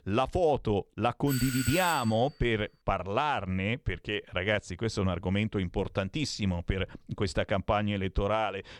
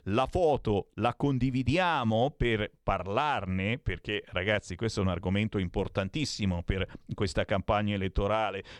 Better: second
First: doorbell; noticeable; at 1.5 s; peak 4 dB below the speech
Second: none

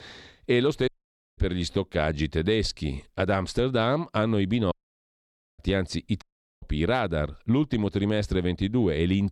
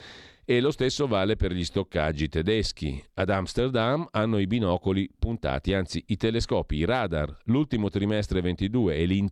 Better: second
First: audio cutting out; at 1 s, at 4.5 s for 1 s and at 6 s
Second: none

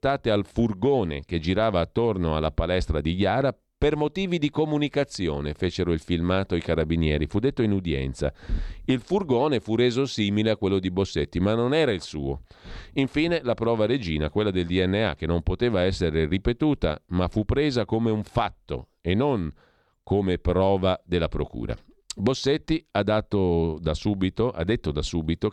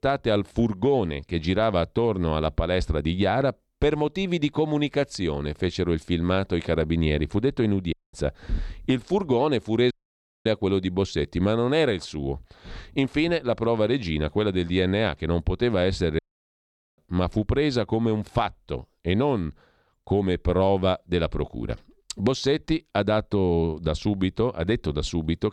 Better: first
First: none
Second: audio cutting out; at 8 s, at 10 s for 0.5 s and at 16 s for 1 s

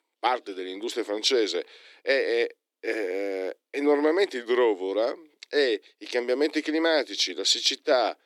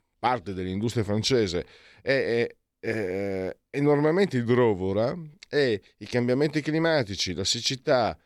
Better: second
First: thin; somewhat; fading below 300 Hz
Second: none

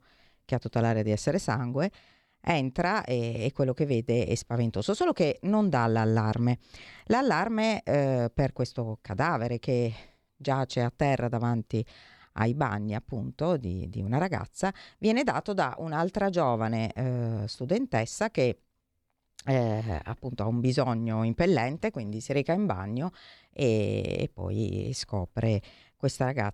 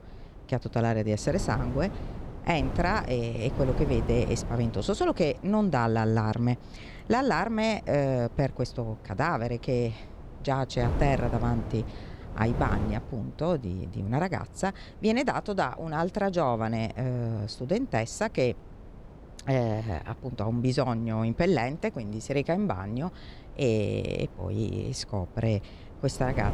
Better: first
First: none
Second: wind noise on the microphone; occasional gusts; 15 dB below the speech

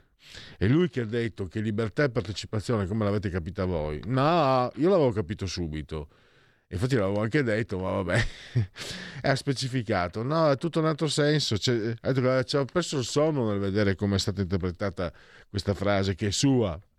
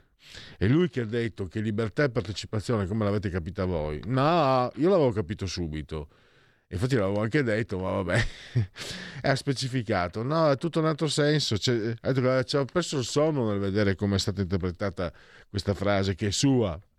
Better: neither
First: none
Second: none

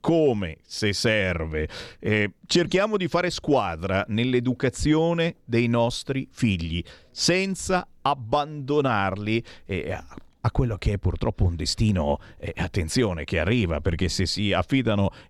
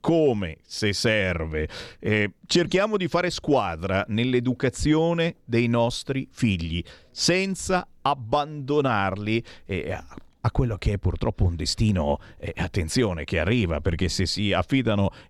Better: neither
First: none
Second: none

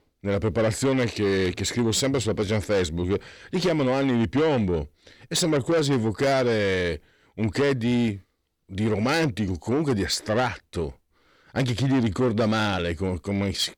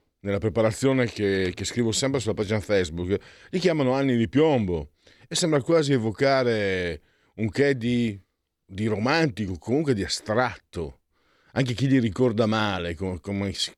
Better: second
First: distortion; slight; 10 dB below the speech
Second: none

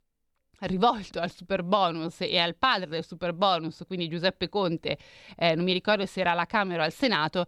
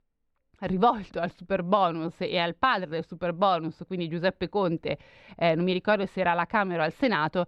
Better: first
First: none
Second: muffled; slightly; fading above 3.5 kHz

